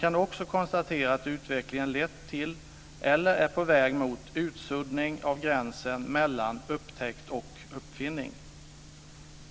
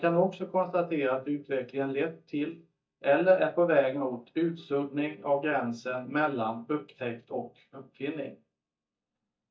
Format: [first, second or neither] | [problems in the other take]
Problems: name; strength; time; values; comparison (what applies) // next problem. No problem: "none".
first | noise reduction (neural mask model DeepFilterNet 3)